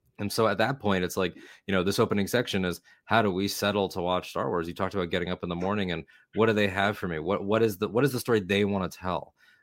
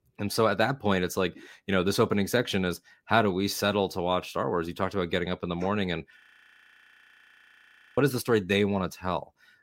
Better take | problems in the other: first | audio freezing; at 6 s for 2 s

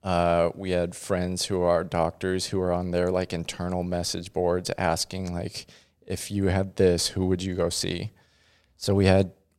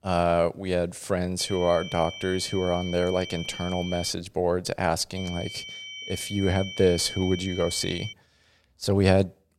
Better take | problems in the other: first | high-pitched whine; noticeable; from 1.5 to 4 s and from 5 to 8 s; 3 kHz, 10 dB below the speech

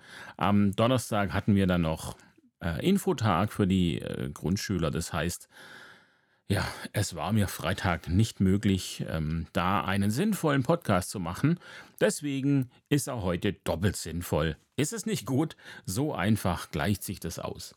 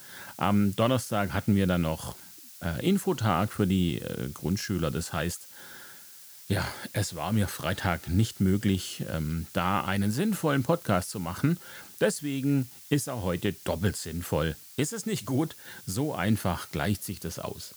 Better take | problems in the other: first | hiss; noticeable; throughout; 15 dB below the speech

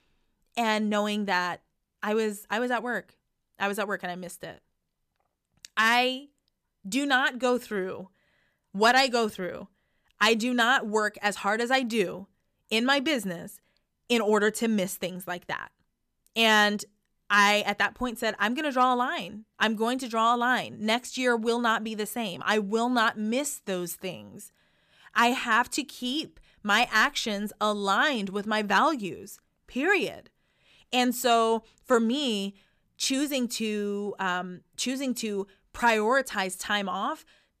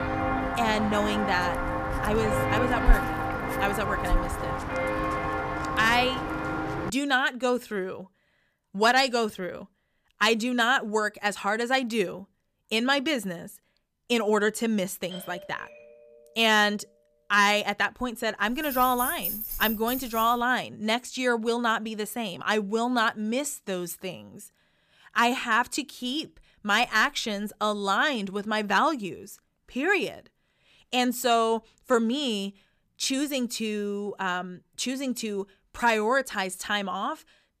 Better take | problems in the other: first | footsteps; loud; until 7 s; peak 2 dB above the speech // doorbell; faint; from 15 to 17 s; peak 15 dB below the speech // jangling keys; noticeable; from 18 to 20 s; peak 3 dB below the speech

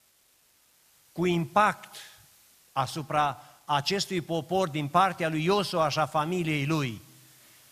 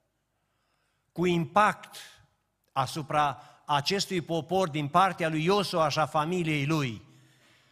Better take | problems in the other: second | hiss; faint; throughout; 30 dB below the speech

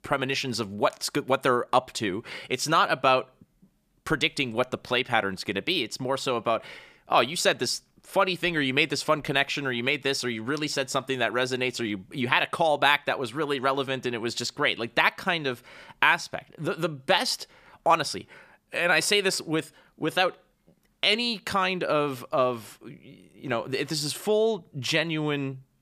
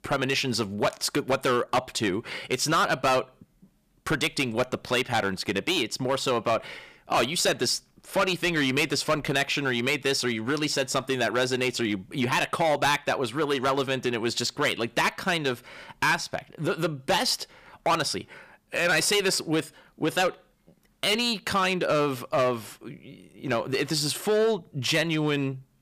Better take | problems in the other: first | distortion; heavy; 7% of the sound clipped

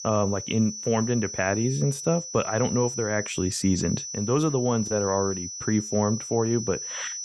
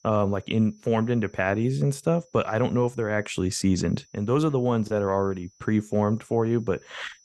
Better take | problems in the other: second | high-pitched whine; loud; throughout; 6 kHz, 7 dB below the speech; faint in the second

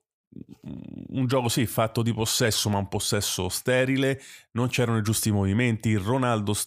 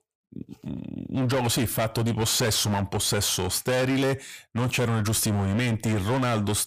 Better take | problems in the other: first | distortion; heavy; 23% of the sound clipped

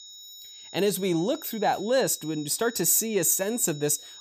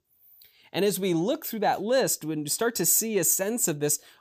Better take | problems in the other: second | high-pitched whine; noticeable; throughout; 4 kHz, 15 dB below the speech

